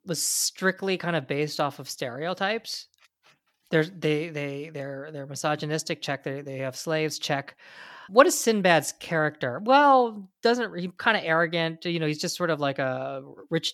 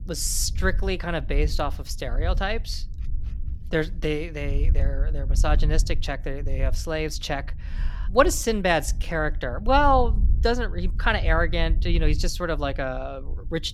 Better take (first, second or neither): first